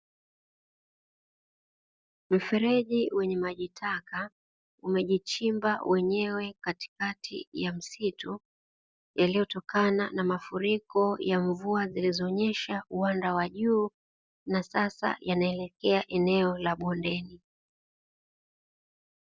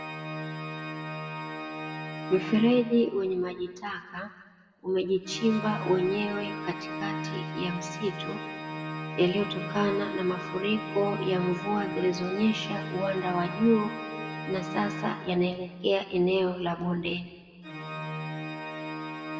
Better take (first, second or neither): first